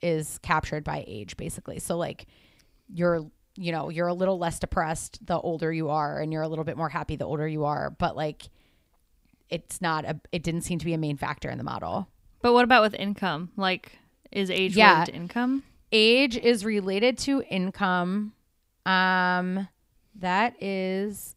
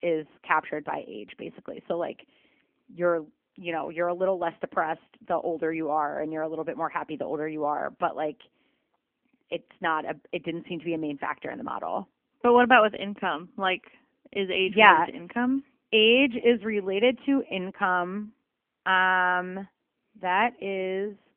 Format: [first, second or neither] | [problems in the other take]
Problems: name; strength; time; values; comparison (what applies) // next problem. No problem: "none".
first | phone-call audio; nothing above 3 kHz